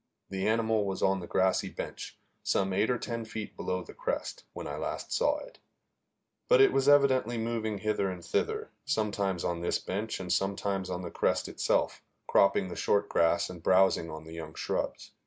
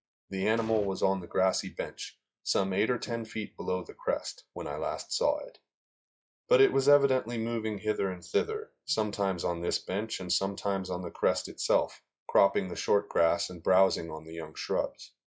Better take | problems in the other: first | noise reduction (classical method log-MMSE)

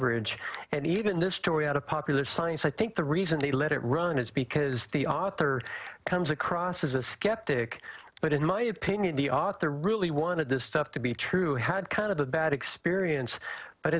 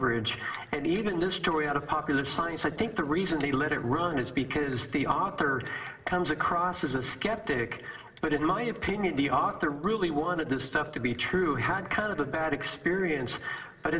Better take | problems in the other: first | room echo; dies away in 2 s

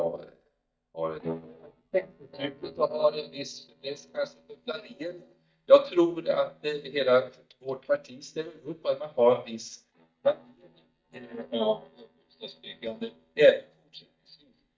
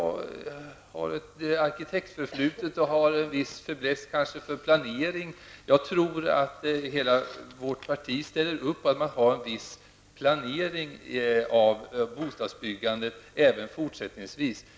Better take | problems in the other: second | noise reduction (neural mask model DeepFilterNet 3)

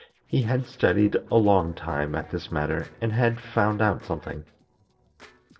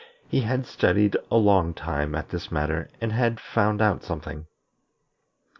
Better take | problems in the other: second | noise reduction (neural separator model SepFormer DNS4)

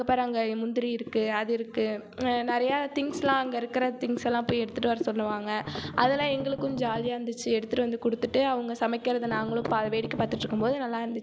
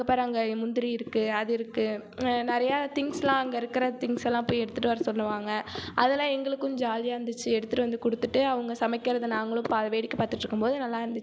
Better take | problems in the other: second | background sound (Strum); 11 dB below the speech

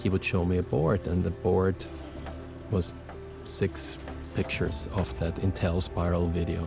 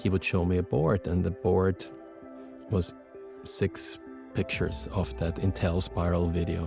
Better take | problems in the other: second | background sound (Accelerating, revving, vroom); 13 dB below the speech

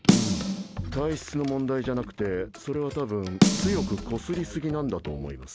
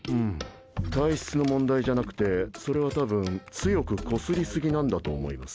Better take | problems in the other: second | background sound (Snare drum); 2 dB above the speech

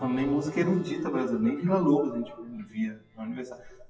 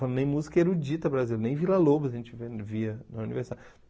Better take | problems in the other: second | noise reduction (classical method WPE with log-MMSE)

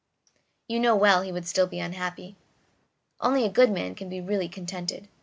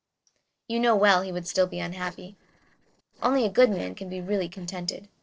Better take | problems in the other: first | noise reduction (neural separator model SepFormer DNS4)

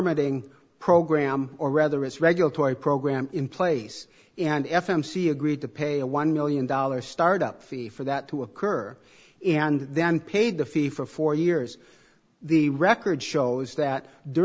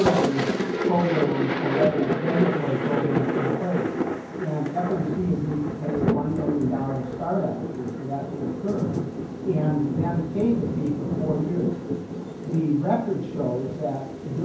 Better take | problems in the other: first | background sound (Thunder); 1 dB below the speech // room echo; dies away in 0.9 s

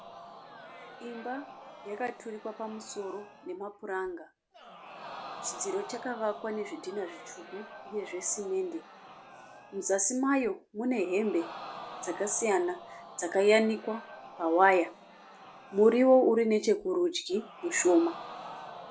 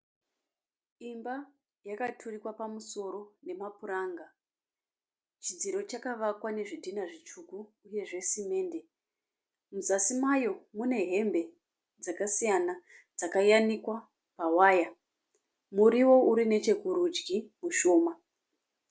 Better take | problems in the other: second | background sound (Crowd); 16 dB below the speech

